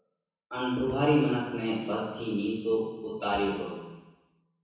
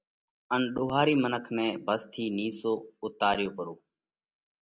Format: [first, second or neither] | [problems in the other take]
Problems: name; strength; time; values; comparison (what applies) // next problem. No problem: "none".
second | room echo; dies away in 1.1 s